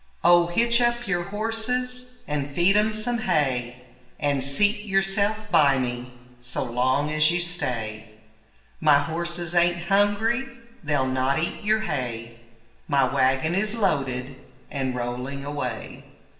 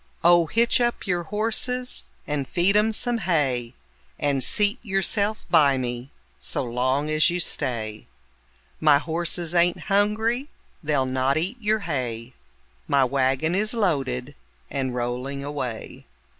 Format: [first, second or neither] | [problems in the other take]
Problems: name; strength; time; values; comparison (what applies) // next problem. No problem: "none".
second | room echo; dies away in 1.1 s